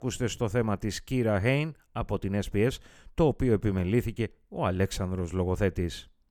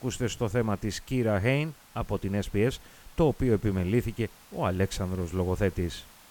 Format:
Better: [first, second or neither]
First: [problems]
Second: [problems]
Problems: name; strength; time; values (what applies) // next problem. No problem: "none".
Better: first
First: none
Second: hiss; faint; throughout; 25 dB below the speech